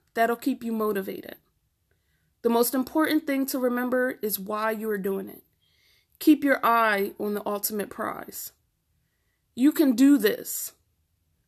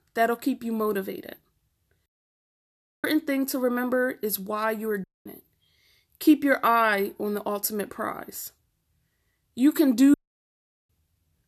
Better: first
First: none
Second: audio cutting out; at 2 s for 1 s, at 5 s and at 10 s for 1 s

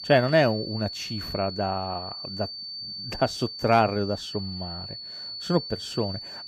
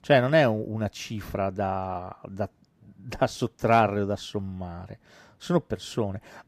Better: second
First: high-pitched whine; loud; throughout; 4.5 kHz, 8 dB below the speech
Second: none

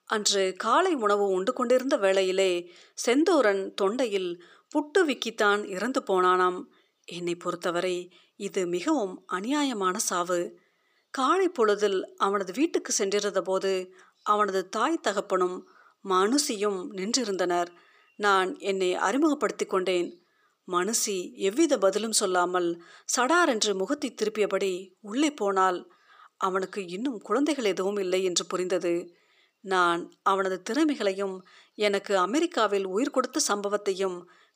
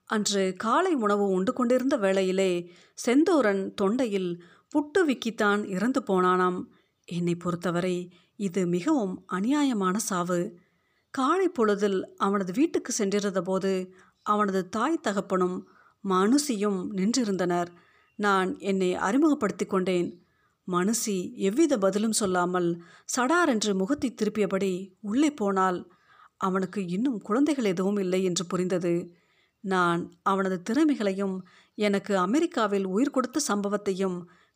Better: second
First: thin; very slightly; fading below 400 Hz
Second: none

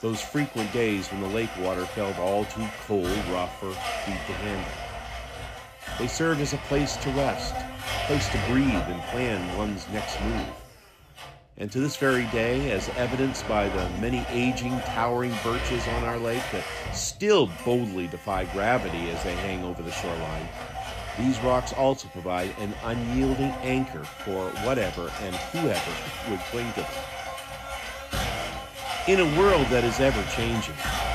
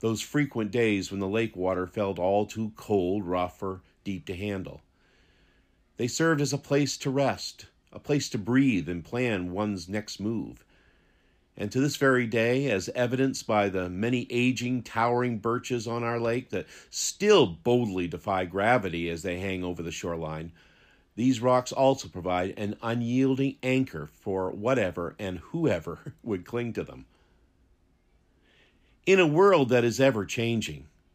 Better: second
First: household noises; loud; throughout; 5 dB below the speech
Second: none

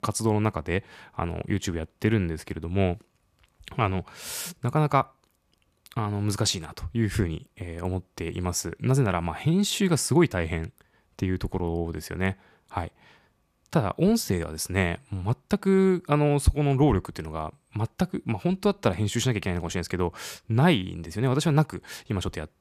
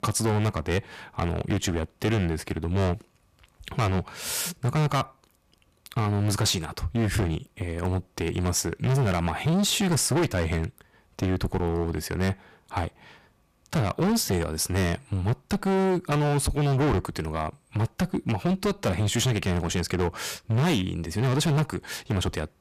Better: first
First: none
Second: distortion; heavy; 16% of the sound clipped

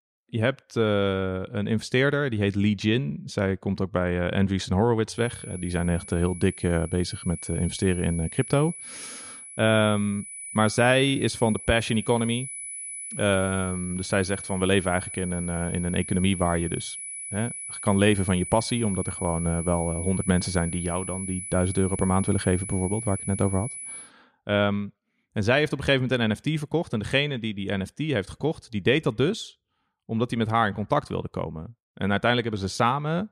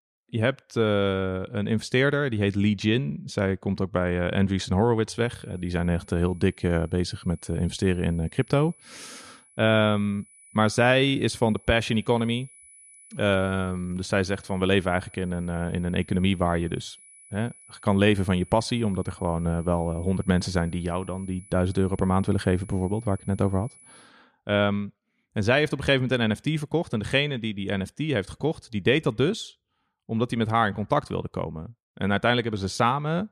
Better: second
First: high-pitched whine; loud; from 5 to 24 s; 10 kHz, 9 dB below the speech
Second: high-pitched whine; faint; from 5 to 24 s; 10 kHz, 25 dB below the speech

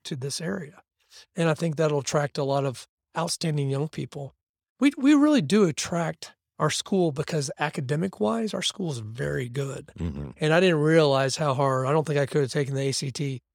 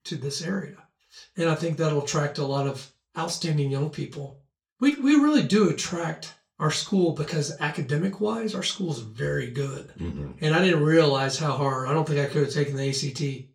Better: first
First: none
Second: room echo; slight; dies away in 0.3 s // off-mic speech; far

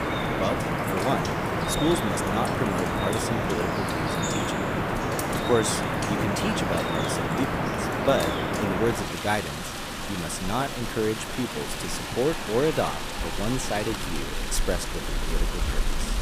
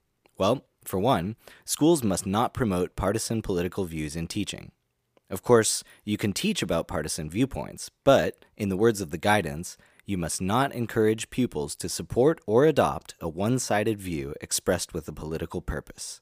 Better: second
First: rain or running water; very loud; throughout; 1 dB above the speech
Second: none

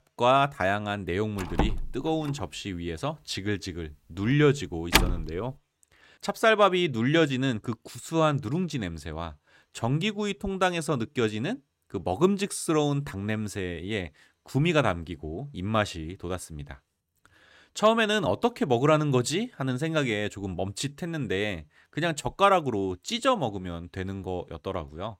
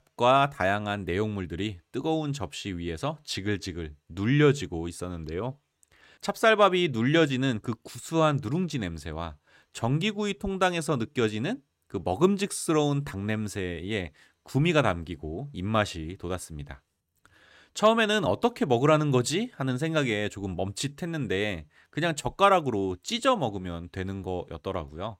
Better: second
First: door banging; loud; from 1.5 to 5 s; peak 4 dB above the speech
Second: none

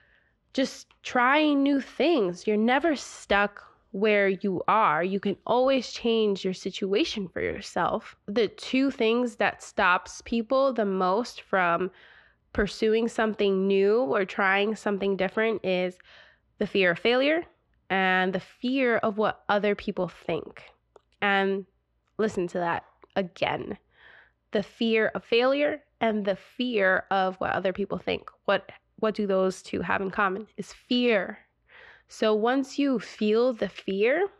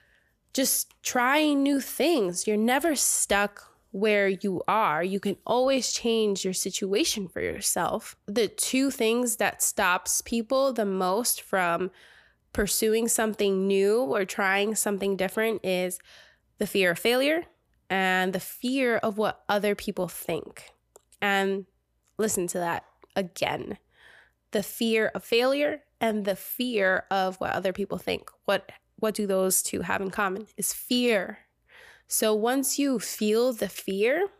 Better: second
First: muffled; slightly; fading above 3.5 kHz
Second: none

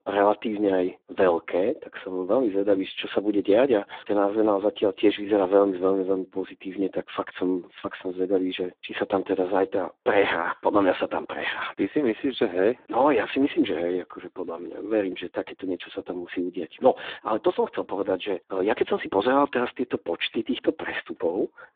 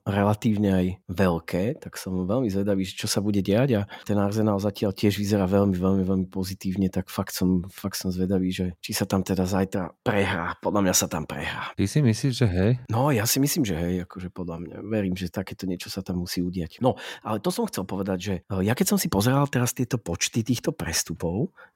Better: second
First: phone-call audio; poor line; nothing above 3.5 kHz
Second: none

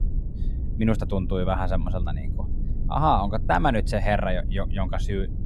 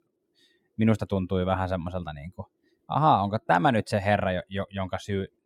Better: second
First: low rumble; noticeable; throughout; 20 dB below the speech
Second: none

